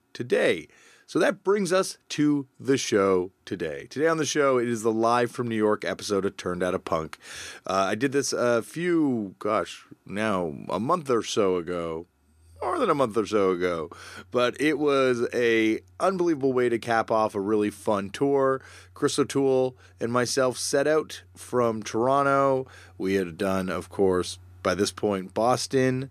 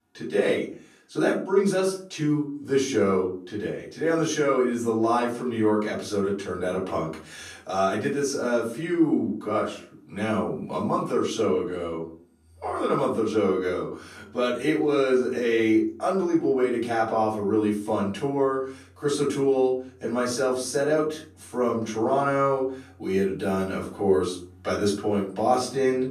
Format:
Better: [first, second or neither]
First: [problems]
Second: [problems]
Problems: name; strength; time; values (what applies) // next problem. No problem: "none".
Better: first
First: none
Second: off-mic speech; far // room echo; slight; dies away in 0.4 s